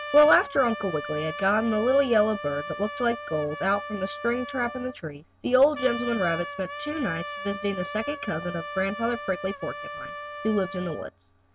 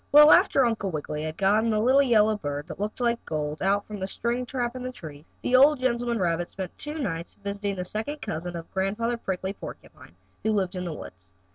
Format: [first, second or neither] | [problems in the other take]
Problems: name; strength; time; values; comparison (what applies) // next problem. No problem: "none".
second | background sound (Trumpet); 10 dB below the speech